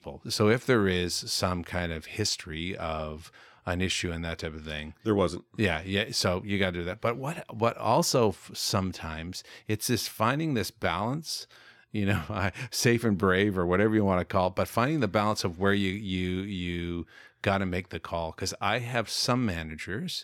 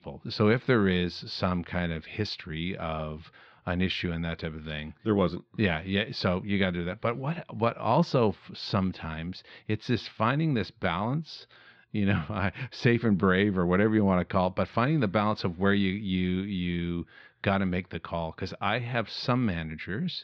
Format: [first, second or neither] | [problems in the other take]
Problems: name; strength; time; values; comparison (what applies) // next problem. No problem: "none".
first | muffled; very slightly; fading above 4 kHz